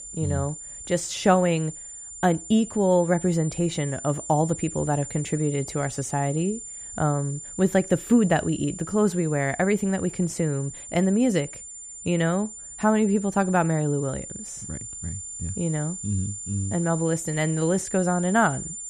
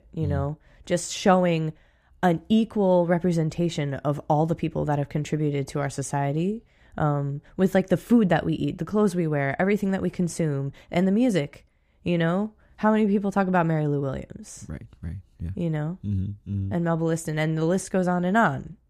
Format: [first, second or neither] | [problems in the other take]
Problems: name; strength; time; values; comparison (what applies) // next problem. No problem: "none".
second | high-pitched whine; noticeable; throughout; 7 kHz, 10 dB below the speech